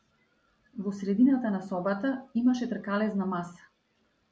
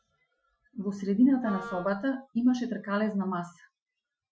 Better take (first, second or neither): first